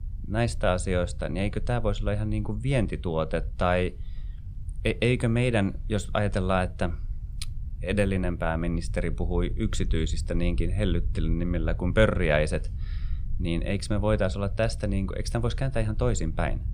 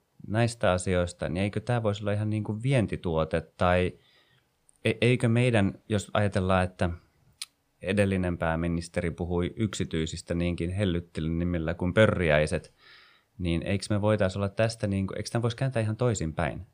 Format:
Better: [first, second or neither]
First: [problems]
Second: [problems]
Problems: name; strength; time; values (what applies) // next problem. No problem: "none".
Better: second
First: low rumble; faint; throughout; 25 dB below the speech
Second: none